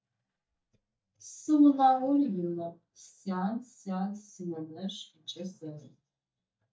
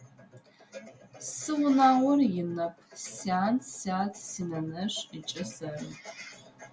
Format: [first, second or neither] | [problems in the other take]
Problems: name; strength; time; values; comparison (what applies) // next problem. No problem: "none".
second | noise reduction (neural mask model DeepFilterNet 3)